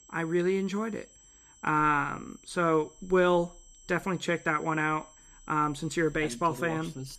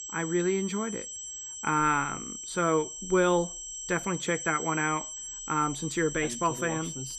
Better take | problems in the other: first | high-pitched whine; loud; throughout; 7.5 kHz, 8 dB below the speech; faint in the first

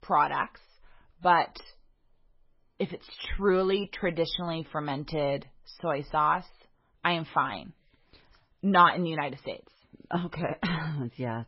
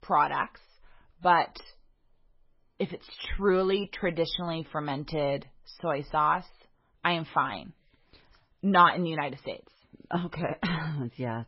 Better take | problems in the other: neither | garbled, watery; badly; nothing above 5.5 kHz; the same in both

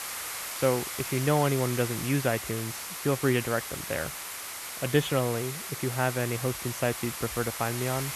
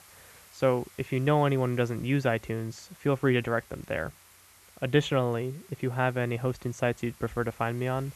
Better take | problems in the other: second | hiss; loud; throughout; 5 dB below the speech; faint in the second

